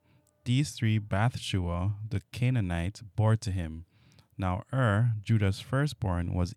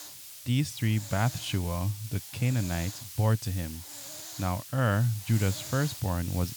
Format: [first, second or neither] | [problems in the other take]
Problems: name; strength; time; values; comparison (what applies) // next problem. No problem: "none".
first | hiss; noticeable; throughout; 10 dB below the speech